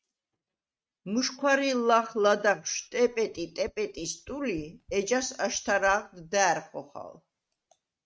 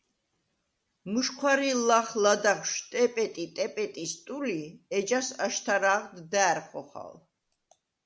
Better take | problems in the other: second | noise reduction (neural mask model RNNoise)

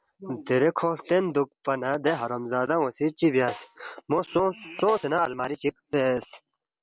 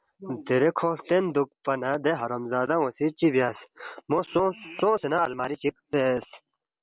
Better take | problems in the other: second | background sound (Snare drum); 19 dB below the speech

